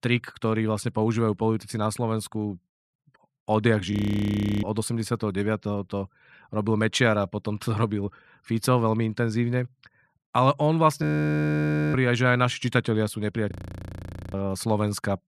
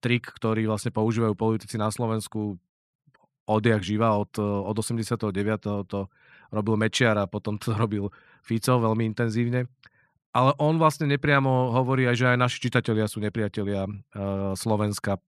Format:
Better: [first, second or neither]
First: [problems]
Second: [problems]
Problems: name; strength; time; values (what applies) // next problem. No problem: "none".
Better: second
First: audio freezing; at 4 s for 0.5 s, at 11 s for 1 s and at 14 s for 1 s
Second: none